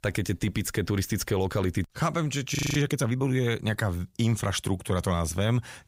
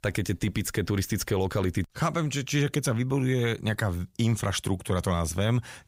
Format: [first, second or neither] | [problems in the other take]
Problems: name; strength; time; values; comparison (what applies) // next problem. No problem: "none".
second | audio freezing; at 2.5 s